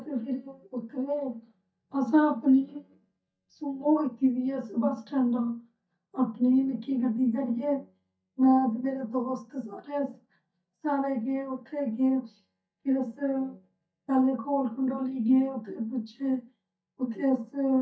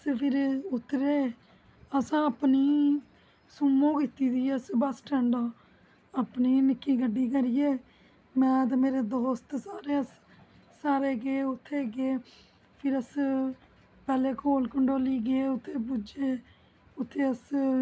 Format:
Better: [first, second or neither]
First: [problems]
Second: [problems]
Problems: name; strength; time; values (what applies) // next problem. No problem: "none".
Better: second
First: noise reduction (neural mask model DeepFilterNet 3)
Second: none